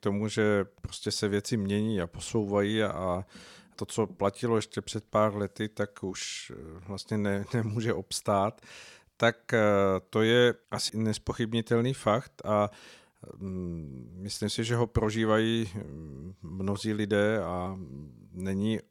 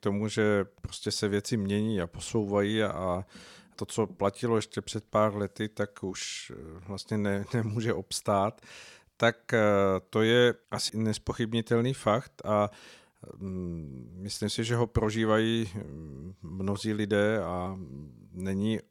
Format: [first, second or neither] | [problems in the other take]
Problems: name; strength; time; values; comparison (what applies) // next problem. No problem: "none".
neither | none